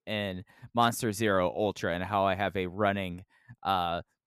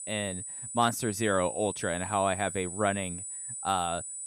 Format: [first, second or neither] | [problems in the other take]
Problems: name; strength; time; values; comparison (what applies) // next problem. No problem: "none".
first | high-pitched whine; loud; throughout; 8 kHz, 6 dB below the speech